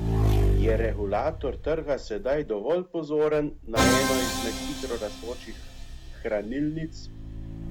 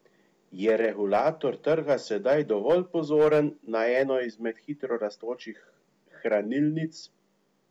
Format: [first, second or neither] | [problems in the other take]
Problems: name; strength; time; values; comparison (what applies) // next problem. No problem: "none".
second | background sound (Motorcycle / Engine + Musical instrument); 1 dB above the speech